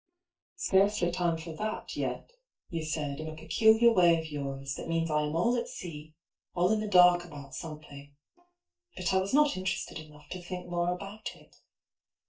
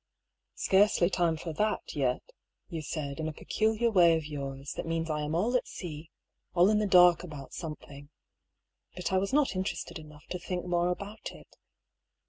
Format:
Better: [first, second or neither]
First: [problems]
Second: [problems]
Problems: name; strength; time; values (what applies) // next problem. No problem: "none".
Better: second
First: noise reduction (neural mask model DeepFilterNet 3)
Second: none